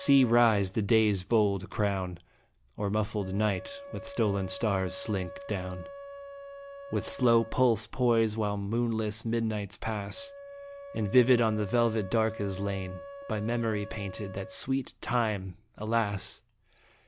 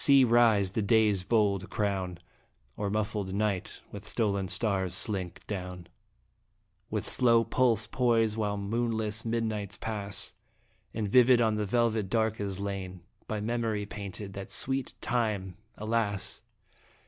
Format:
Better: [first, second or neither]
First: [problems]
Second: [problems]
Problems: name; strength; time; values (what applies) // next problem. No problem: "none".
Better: second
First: background sound (Wind instrument, woodwind instrument); 16 dB below the speech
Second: none